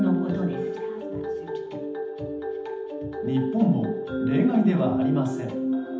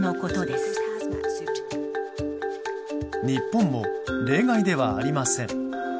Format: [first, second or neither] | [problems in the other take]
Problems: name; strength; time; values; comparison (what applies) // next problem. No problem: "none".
second | room echo; dies away in 0.8 s